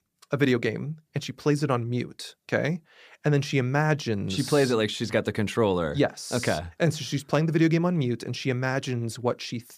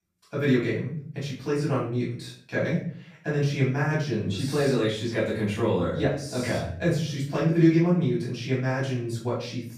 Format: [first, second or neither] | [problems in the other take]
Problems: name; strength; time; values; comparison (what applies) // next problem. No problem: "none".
first | room echo; noticeable; dies away in 0.5 s // off-mic speech; far